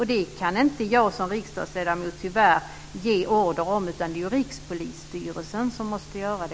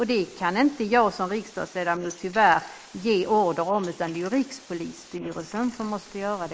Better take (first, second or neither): first